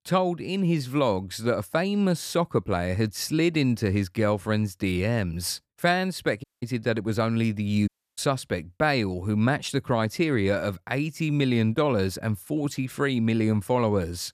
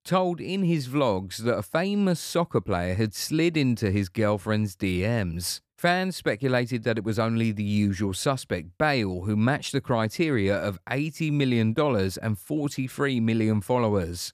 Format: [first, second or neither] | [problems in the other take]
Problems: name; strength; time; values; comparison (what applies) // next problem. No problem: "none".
second | audio cutting out; at 6.5 s and at 8 s